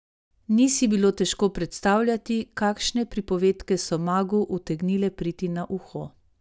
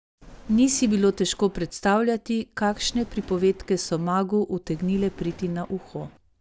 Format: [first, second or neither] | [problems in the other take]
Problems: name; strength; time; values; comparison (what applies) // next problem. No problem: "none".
first | background sound (Thunder); 19 dB below the speech